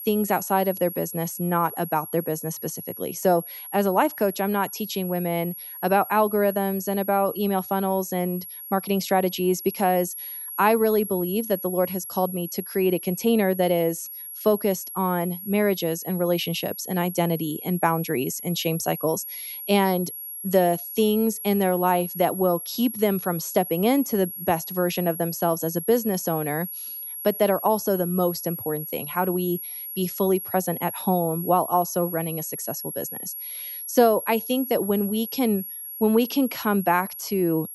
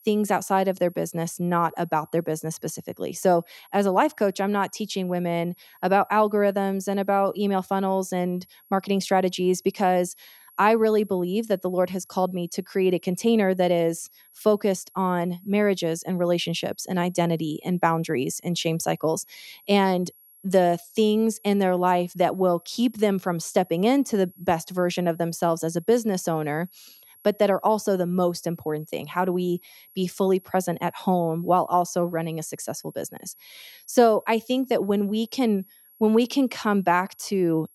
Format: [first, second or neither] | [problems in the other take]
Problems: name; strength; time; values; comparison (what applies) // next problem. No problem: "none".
second | high-pitched whine; loud; throughout; 11.5 kHz, 9 dB below the speech; faint in the second